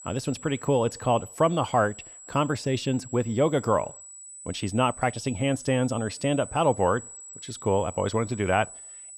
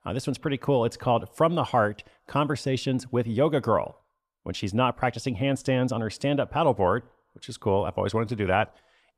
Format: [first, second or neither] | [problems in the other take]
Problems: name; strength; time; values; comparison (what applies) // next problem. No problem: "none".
second | high-pitched whine; noticeable; throughout; 8 kHz, 15 dB below the speech